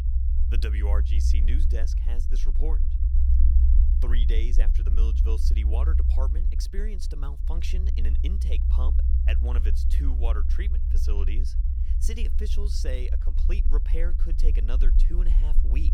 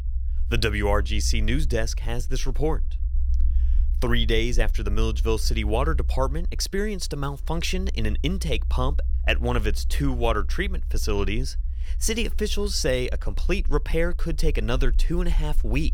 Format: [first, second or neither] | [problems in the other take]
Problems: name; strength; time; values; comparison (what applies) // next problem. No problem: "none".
second | low rumble; loud; throughout; 5 dB below the speech; faint in the second